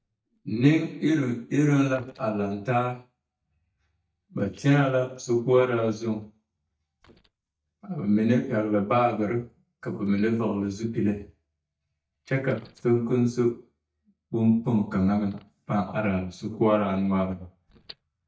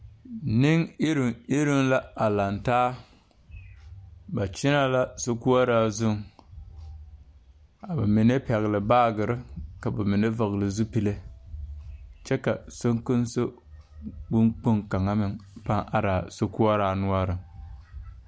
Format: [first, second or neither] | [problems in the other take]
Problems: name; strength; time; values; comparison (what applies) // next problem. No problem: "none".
second | noise reduction (neural mask model DeepFilterNet 3)